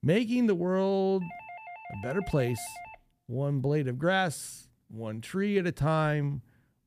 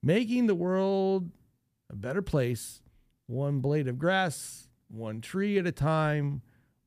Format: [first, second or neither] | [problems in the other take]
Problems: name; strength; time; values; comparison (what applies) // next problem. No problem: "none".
second | doorbell; faint; from 1 to 3 s; peak 15 dB below the speech